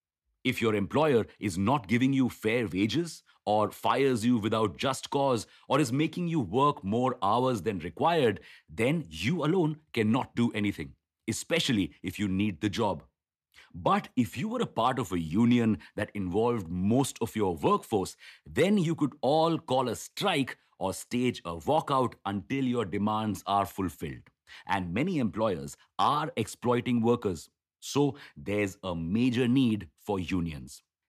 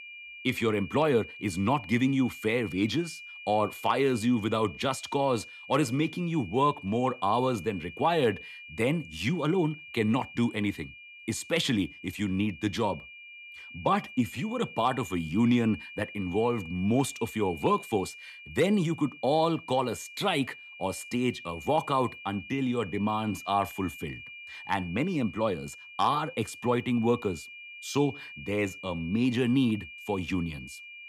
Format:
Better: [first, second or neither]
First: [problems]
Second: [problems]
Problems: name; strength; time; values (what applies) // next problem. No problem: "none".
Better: first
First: none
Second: high-pitched whine; noticeable; throughout; 2.5 kHz, 15 dB below the speech